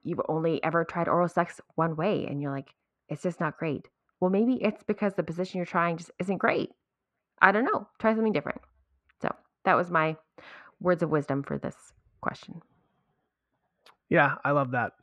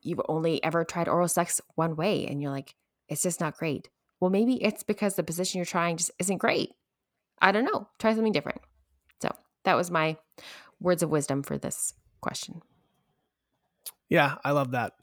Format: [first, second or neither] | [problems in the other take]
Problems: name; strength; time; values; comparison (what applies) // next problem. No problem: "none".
second | muffled; very; fading above 2 kHz